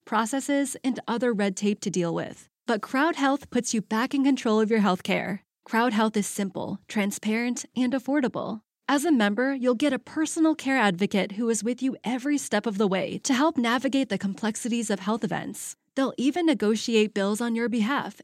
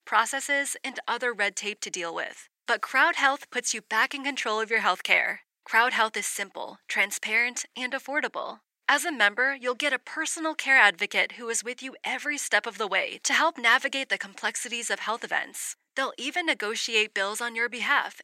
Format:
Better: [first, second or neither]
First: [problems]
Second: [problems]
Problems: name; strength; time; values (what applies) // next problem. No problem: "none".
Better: first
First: none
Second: thin; very; fading below 750 Hz